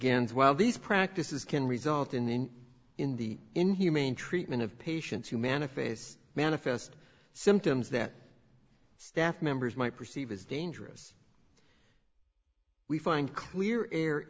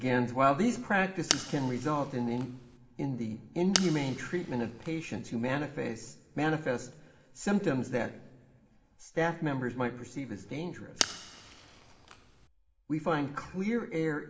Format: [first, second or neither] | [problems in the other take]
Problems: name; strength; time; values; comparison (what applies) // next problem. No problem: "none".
first | background sound (Fire); 5 dB below the speech // room echo; dies away in 1.6 s